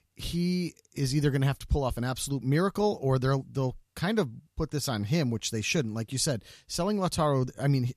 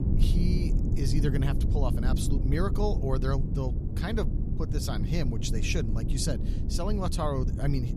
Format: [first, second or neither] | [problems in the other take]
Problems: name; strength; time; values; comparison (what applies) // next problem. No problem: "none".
first | low rumble; loud; throughout; 6 dB below the speech